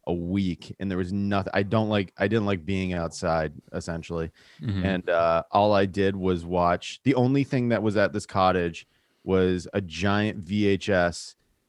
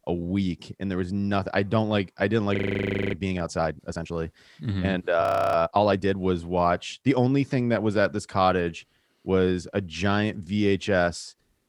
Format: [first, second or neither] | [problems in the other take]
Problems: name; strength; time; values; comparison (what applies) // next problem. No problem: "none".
first | audio freezing; at 2.5 s for 0.5 s and at 5 s